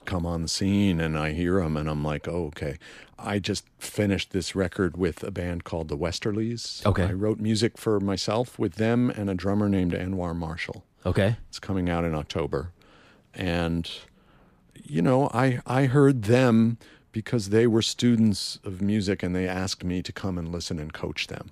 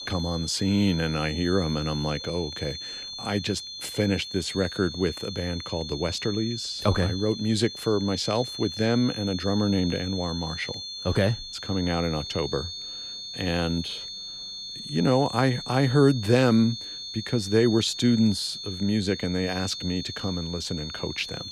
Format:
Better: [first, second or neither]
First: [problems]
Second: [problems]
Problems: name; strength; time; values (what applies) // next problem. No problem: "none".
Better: first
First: none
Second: high-pitched whine; loud; throughout; 4.5 kHz, 8 dB below the speech